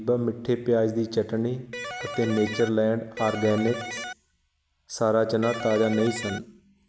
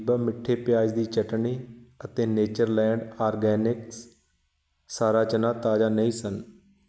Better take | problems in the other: second | background sound (Electric guitar); 8 dB below the speech

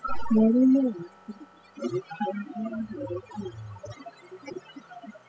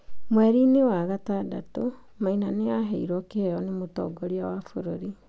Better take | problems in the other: second | noise reduction (classical method spectral subtraction)

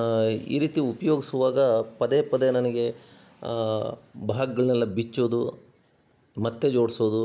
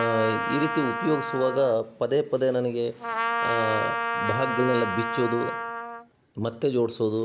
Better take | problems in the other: first | background sound (Trumpet); 4 dB below the speech

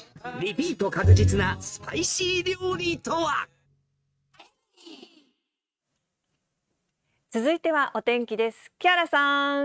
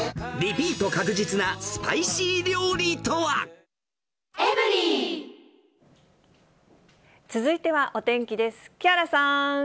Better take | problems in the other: second | noise reduction (neural mask model RNNoise)

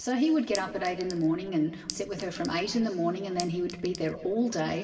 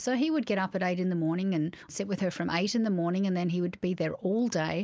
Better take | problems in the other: second | background sound (Chink, clink); 15 dB below the speech // room echo; dies away in 2.1 s

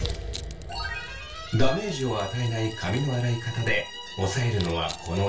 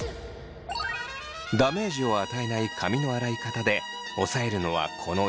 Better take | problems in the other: second | background sound (Crushing); 20 dB below the speech // room echo; dies away in 0.2 s

